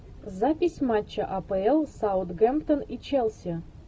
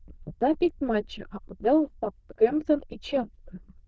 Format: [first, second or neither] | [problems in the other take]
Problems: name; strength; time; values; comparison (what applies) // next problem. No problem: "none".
first | noise reduction (neural diffusion model UNIVERSE++)